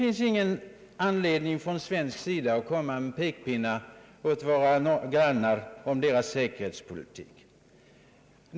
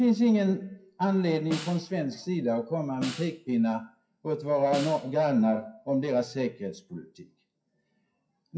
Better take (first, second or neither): first